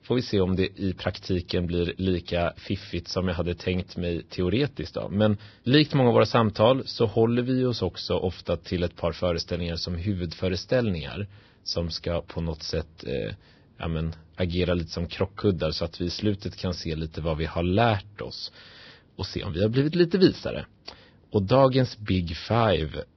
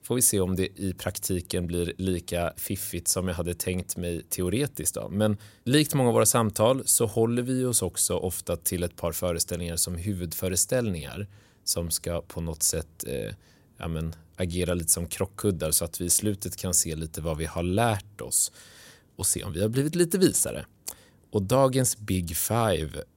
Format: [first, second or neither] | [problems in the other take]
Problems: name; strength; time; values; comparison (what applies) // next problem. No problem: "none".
second | garbled, watery; badly; nothing above 5.5 kHz